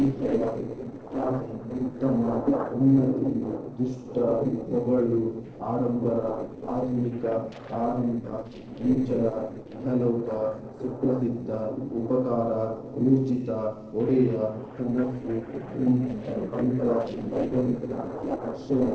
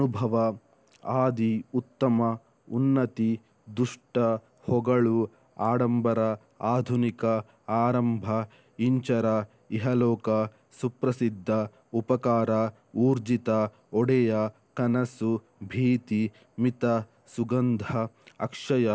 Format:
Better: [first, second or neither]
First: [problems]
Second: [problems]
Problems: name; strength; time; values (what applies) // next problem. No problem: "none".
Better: second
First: noise reduction (neural separator model SepFormer DNS4)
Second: none